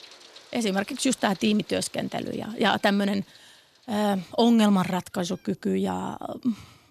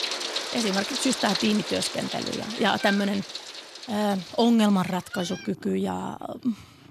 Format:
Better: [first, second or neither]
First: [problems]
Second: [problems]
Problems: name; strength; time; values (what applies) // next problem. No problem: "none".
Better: first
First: animal sounds; faint; throughout; 25 dB below the speech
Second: animal sounds; loud; throughout; 5 dB below the speech